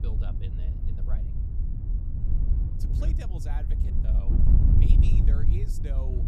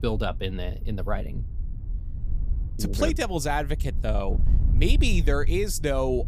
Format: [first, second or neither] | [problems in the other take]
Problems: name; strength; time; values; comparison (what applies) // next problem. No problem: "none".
second | wind noise on the microphone; heavy; 4 dB above the speech; occasional gusts in the second